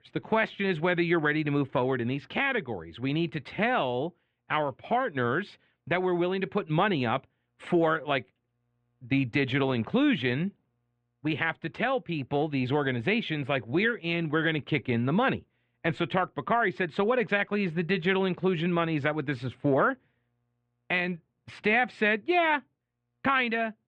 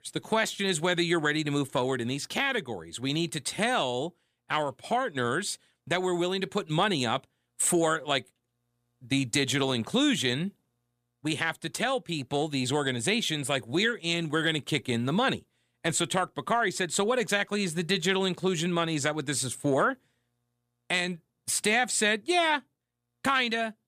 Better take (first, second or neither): second